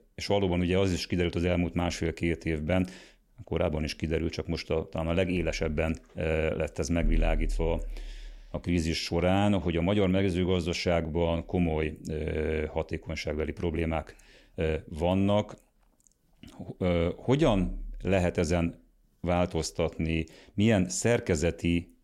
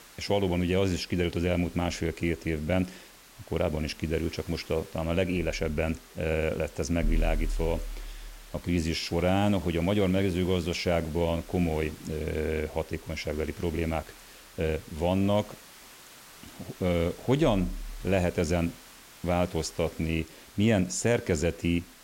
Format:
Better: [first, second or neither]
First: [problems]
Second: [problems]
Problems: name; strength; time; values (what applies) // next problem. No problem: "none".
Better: first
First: none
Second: hiss; faint; throughout; 20 dB below the speech